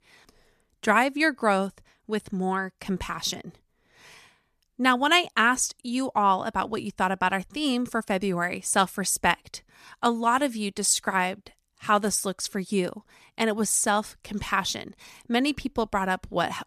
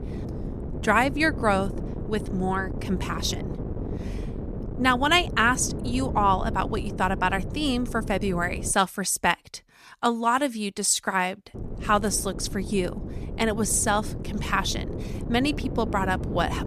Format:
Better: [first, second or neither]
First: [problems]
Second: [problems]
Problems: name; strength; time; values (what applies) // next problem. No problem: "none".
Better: first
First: none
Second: wind noise on the microphone; occasional gusts; until 8.5 s and from 12 s on; 15 dB below the speech